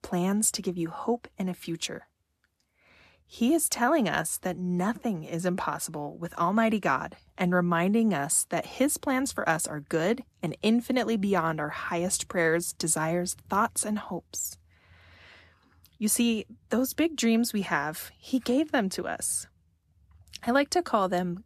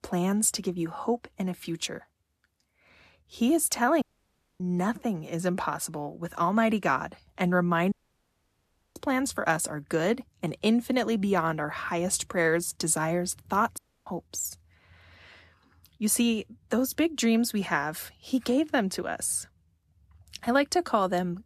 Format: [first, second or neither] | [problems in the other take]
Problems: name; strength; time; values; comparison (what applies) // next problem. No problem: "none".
first | audio cutting out; at 4 s for 0.5 s, at 8 s for 1 s and at 14 s